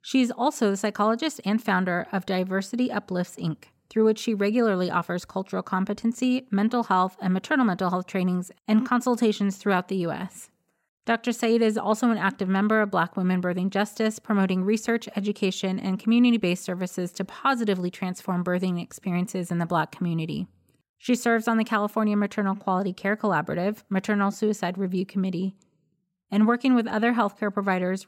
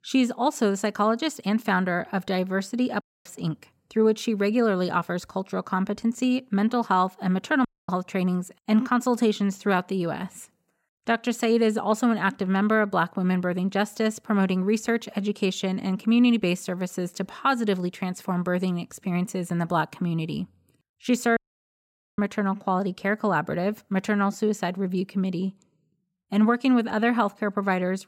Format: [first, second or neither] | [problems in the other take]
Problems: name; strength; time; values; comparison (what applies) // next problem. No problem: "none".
first | audio cutting out; at 3 s, at 7.5 s and at 21 s for 1 s